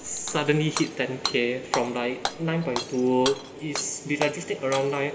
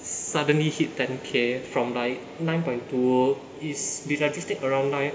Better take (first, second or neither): second